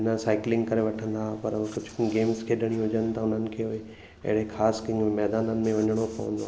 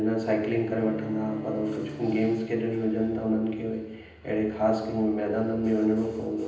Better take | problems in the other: first | background sound (Bowed string instrument); 16 dB below the speech // room echo; dies away in 0.9 s

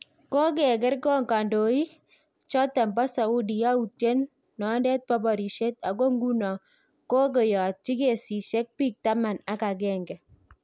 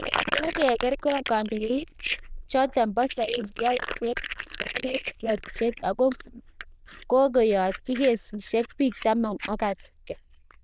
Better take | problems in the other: first | noise reduction (neural diffusion model UNIVERSE++)

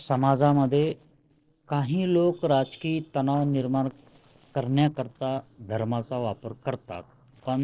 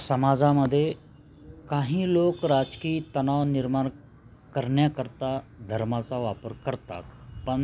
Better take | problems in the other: second | noise reduction (neural separator model SepFormer DNS4)

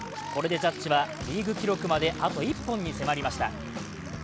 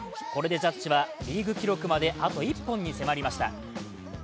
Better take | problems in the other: second | background sound (Aircraft); 12 dB below the speech

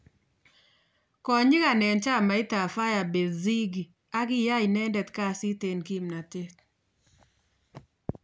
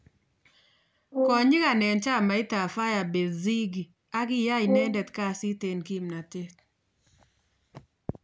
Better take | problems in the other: first | background sound (Brass instrument); 5 dB below the speech

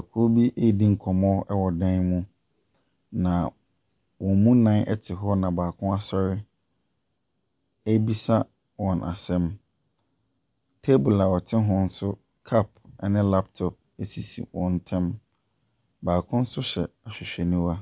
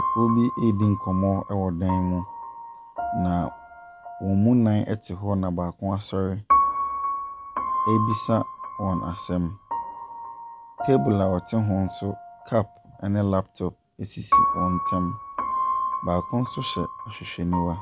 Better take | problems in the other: first | background sound (Piano); 4 dB below the speech

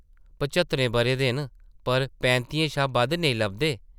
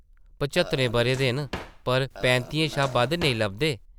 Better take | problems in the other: first | background sound (Burping, eructation + Drawer open or close); 14 dB below the speech

